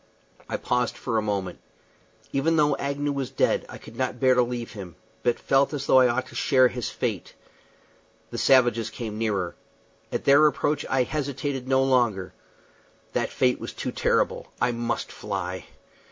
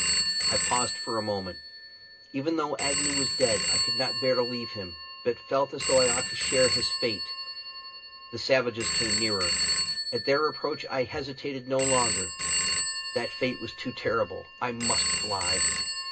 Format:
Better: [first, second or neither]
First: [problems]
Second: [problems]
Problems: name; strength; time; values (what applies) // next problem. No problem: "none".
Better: first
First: none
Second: background sound (Telephone); 1 dB above the speech // room echo; dies away in 0.2 s